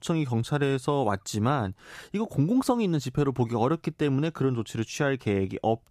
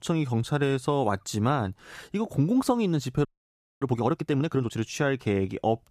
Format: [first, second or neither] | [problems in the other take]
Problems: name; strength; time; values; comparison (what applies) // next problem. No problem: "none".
first | audio freezing; at 3.5 s for 0.5 s